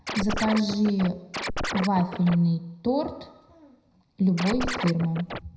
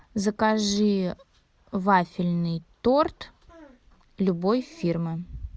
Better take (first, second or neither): second